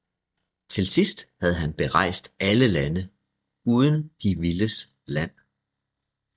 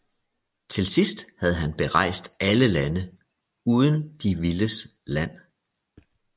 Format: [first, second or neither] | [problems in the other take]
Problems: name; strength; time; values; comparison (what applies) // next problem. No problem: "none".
second | noise reduction (neural mask model DeepFilterNet 3)